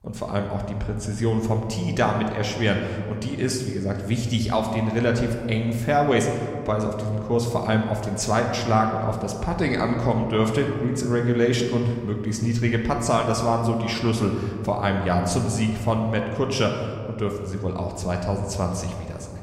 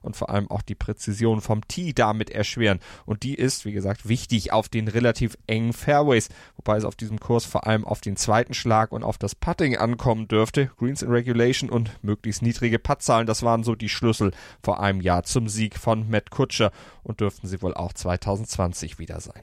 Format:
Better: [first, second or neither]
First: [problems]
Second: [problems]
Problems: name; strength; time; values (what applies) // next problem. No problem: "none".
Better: second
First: room echo; slight; dies away in 1.8 s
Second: none